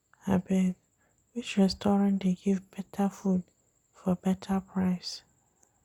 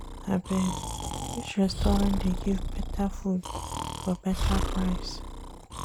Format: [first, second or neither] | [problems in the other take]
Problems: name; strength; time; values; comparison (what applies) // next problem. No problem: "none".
first | background sound (Breathing); 1 dB below the speech